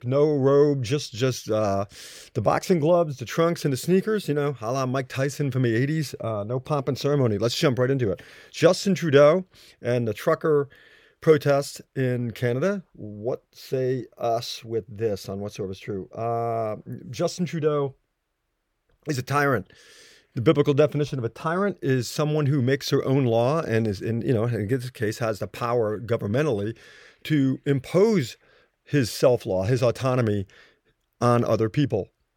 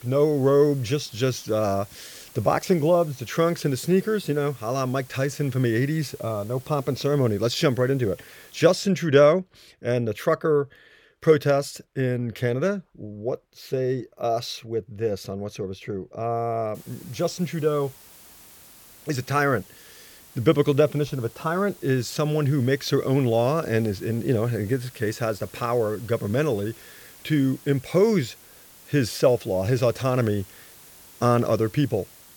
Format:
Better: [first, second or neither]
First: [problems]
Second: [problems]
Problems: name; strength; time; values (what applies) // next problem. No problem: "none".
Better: first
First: none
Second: hiss; faint; until 9 s and from 17 s on; 20 dB below the speech